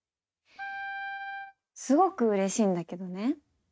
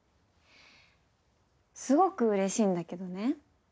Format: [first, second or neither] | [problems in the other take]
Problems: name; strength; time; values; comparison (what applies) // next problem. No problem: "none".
second | noise reduction (neural mask model RNNoise)